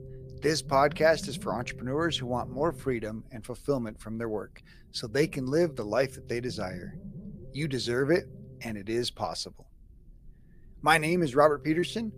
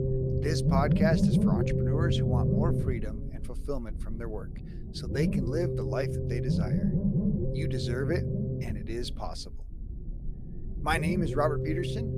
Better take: first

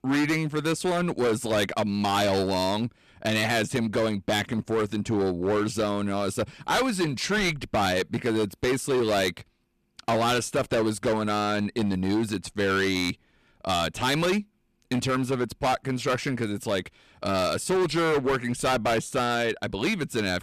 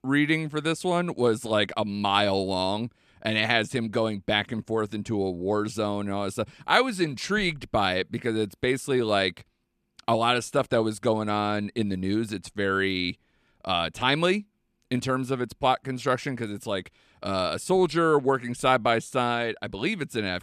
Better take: second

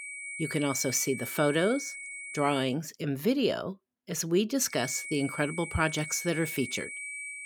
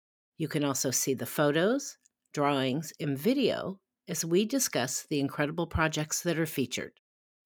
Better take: second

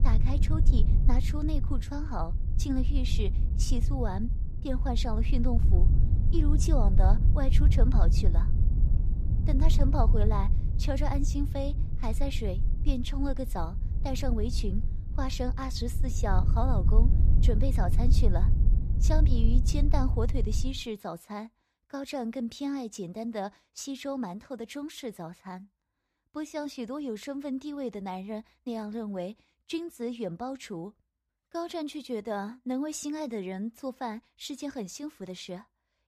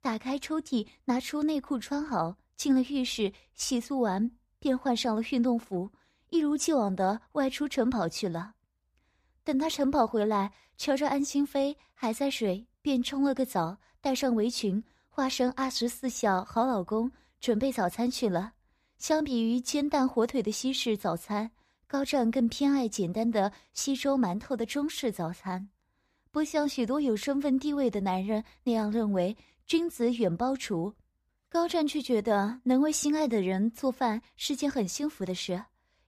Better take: second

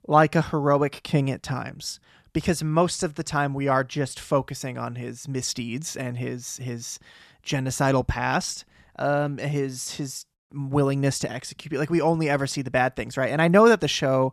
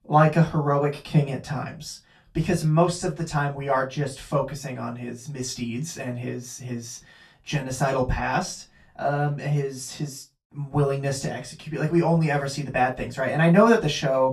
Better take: first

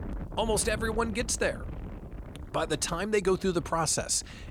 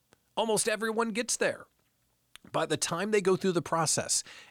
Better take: second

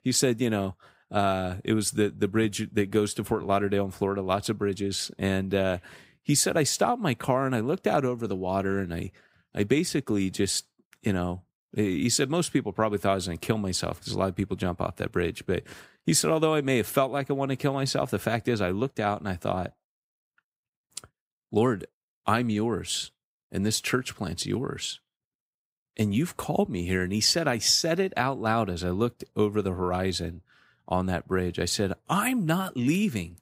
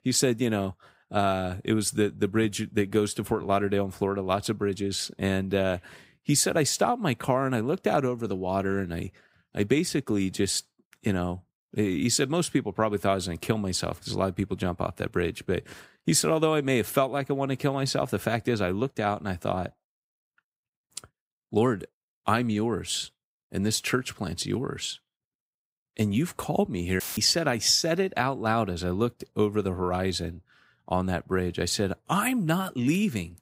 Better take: first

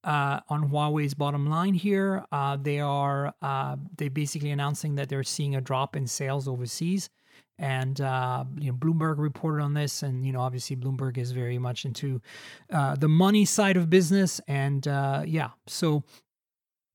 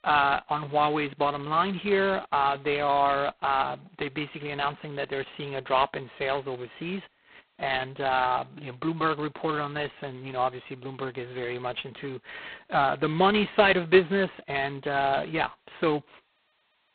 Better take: first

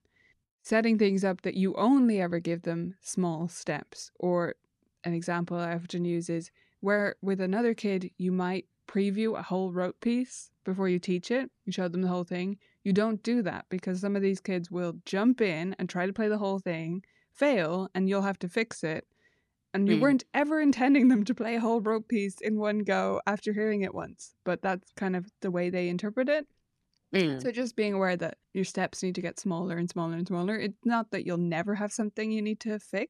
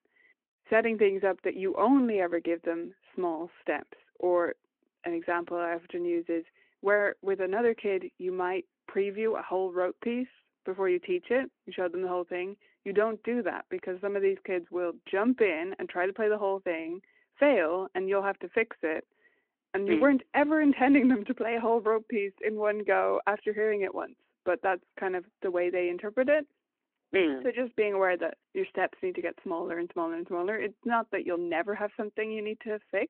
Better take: first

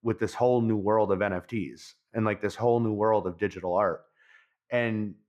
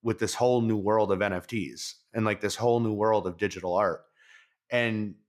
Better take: second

